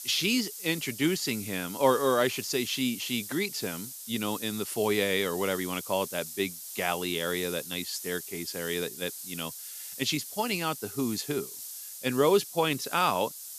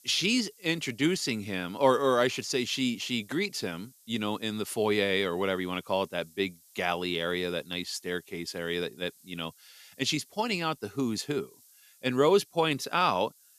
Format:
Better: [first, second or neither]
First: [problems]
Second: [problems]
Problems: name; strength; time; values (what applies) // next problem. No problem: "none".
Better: second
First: hiss; loud; throughout; 9 dB below the speech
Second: hiss; faint; throughout; 25 dB below the speech